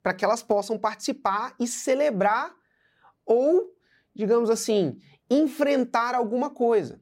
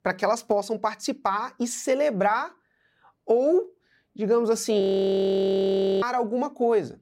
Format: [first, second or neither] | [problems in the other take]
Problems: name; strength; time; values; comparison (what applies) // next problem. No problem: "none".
first | audio freezing; at 5 s for 1 s